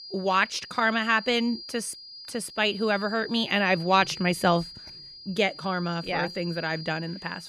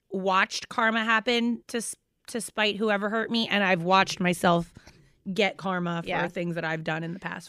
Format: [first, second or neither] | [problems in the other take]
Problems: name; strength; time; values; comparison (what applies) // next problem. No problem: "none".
second | high-pitched whine; noticeable; throughout; 5 kHz, 15 dB below the speech